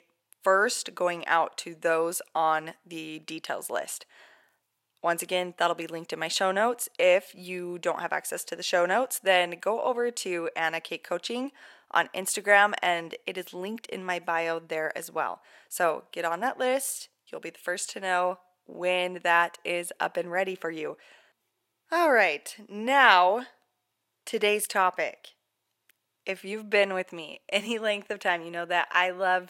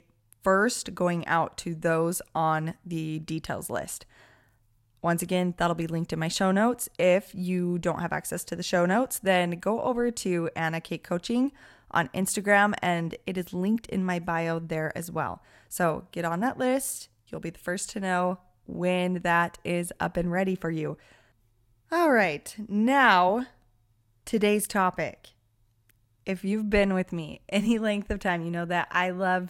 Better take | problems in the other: second | thin; somewhat; fading below 500 Hz

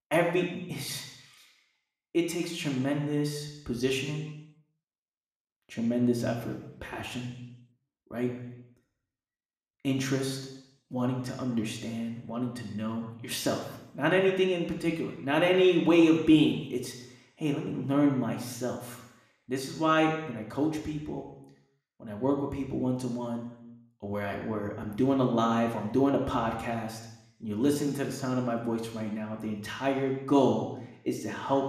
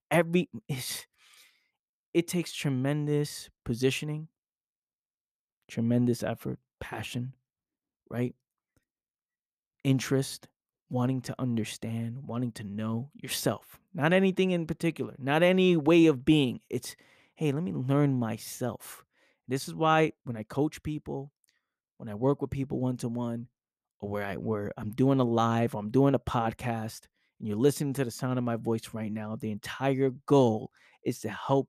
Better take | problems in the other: second | room echo; noticeable; dies away in 0.9 s // off-mic speech; somewhat distant

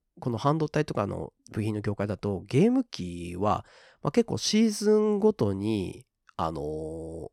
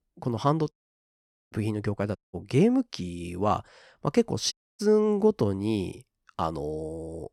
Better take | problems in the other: first | audio cutting out; at 0.5 s for 1 s, at 2 s and at 4.5 s

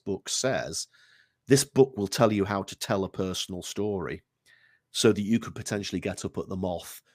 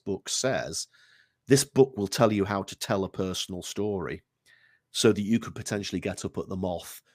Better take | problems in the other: neither | none

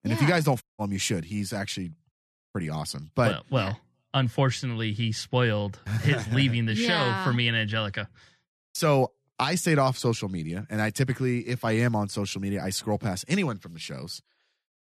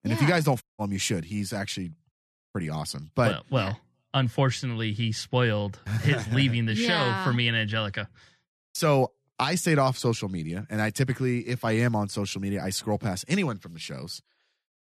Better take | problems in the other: neither | audio cutting out; at 0.5 s; the same in both

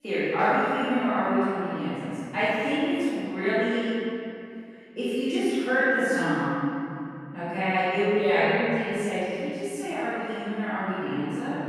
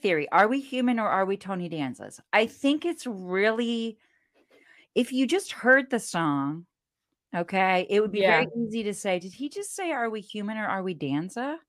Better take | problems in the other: second | off-mic speech; far // room echo; strong; dies away in 2.9 s

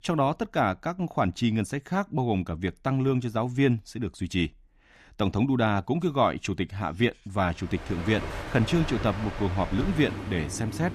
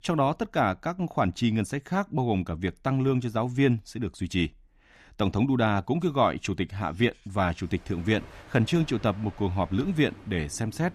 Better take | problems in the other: second | train or aircraft noise; loud; from 8 s on; 9 dB below the speech; faint in the second

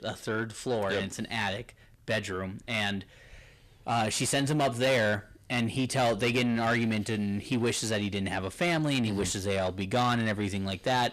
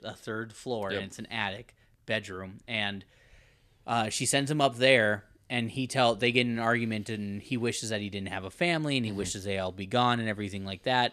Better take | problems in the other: second | distortion; heavy; 7 dB below the speech

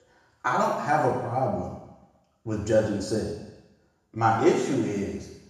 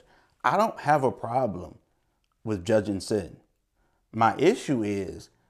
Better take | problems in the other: second | room echo; noticeable; dies away in 1 s // off-mic speech; far

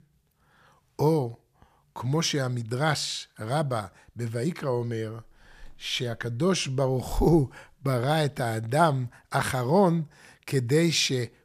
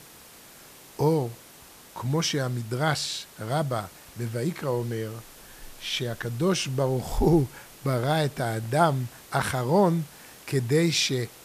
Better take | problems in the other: first | hiss; faint; throughout; 20 dB below the speech

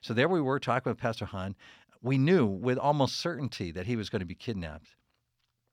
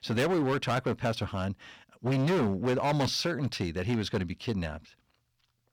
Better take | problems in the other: first | distortion; heavy; 13% of the sound clipped

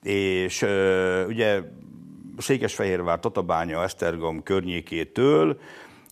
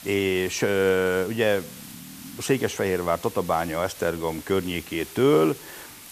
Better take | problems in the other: first | hiss; noticeable; throughout; 15 dB below the speech

